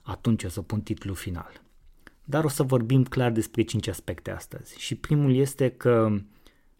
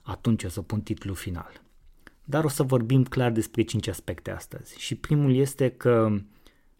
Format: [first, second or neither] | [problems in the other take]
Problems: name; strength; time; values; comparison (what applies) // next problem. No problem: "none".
neither | none